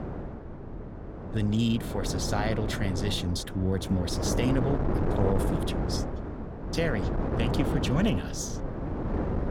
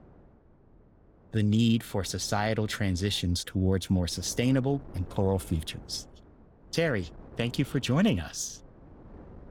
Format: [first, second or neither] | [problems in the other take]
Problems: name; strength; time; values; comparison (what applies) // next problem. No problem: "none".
second | wind noise on the microphone; heavy; 2 dB below the speech; occasional gusts in the second